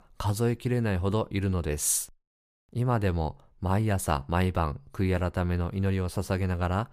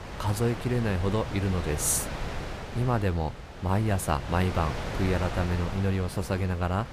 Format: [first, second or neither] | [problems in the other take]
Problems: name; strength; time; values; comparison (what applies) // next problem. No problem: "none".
first | wind noise on the microphone; heavy; 6 dB below the speech